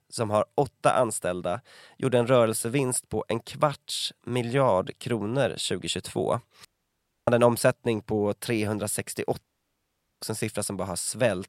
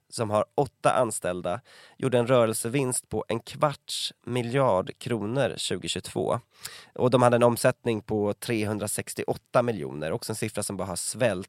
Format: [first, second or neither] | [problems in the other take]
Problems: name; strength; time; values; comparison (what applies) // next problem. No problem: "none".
second | audio cutting out; at 6.5 s for 0.5 s and at 9.5 s for 1 s